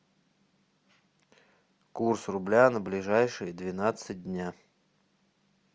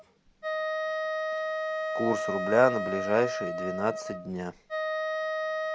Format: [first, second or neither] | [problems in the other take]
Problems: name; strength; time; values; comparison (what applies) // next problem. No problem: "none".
first | background sound (Wind instrument, woodwind instrument); 1 dB below the speech